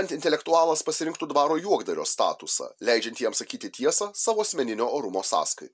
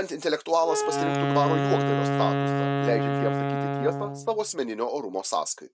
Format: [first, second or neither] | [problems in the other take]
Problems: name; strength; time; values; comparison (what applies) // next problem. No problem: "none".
first | noise reduction (neural mask model RNNoise)